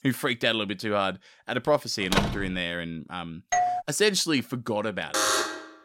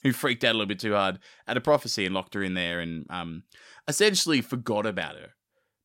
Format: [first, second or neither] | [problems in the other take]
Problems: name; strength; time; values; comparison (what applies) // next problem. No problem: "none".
second | door banging; loud; at 2 s; peak 1 dB above the speech // doorbell; loud; at 3.5 s; peak 2 dB above the speech // alarm; loud; at 5 s; peak 4 dB above the speech